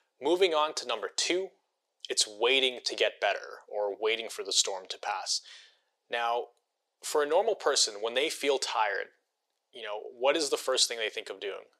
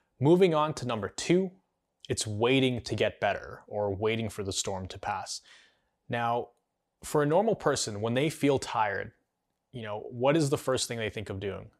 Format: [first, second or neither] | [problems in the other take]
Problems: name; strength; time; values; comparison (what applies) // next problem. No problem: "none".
second | thin; very; fading below 400 Hz